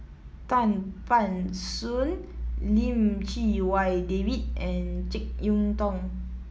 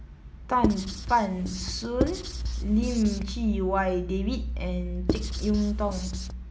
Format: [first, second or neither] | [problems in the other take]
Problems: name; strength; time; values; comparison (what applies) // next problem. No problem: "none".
first | background sound (Writing); 6 dB below the speech